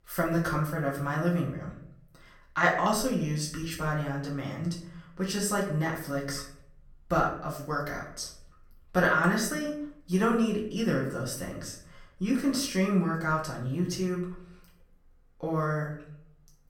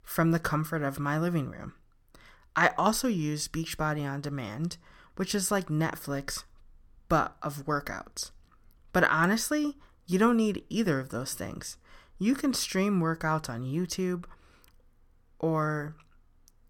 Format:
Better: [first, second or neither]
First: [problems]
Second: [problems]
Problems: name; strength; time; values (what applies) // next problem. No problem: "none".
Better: second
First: off-mic speech; far // room echo; slight; dies away in 0.5 s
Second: none